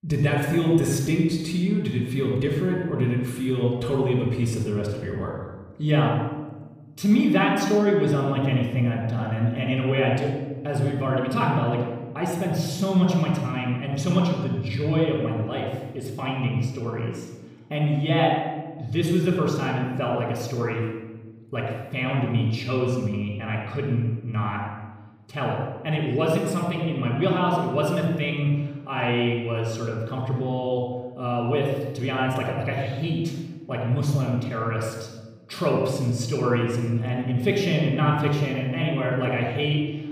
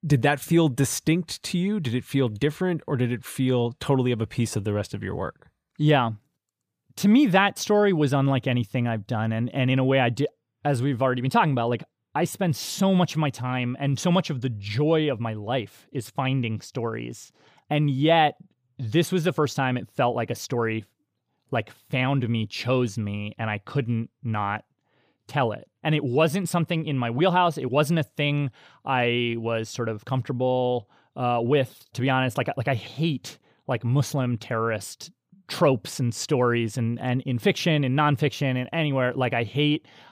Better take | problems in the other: second | off-mic speech; far // room echo; noticeable; dies away in 1.1 s

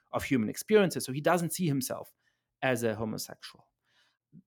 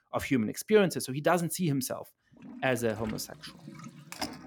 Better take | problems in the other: first | household noises; noticeable; from 3 s on; 15 dB below the speech

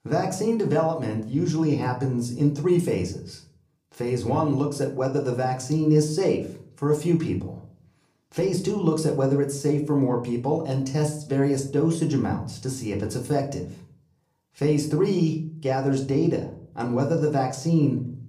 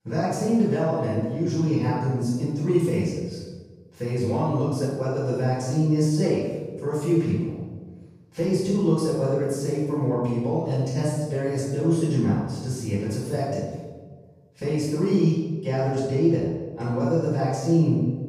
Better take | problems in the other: first | room echo; strong; dies away in 1.1 s; slight in the first // off-mic speech; far; somewhat distant in the first

